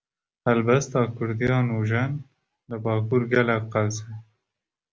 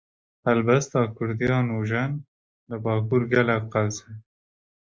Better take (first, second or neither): first